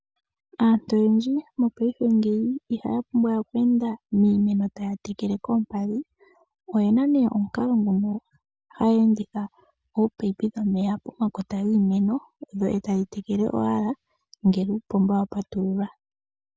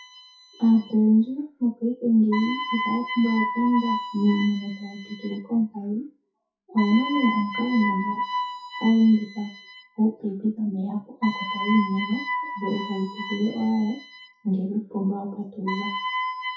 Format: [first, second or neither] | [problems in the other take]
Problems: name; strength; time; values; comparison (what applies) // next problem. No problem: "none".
first | noise reduction (classical method WPE with log-MMSE)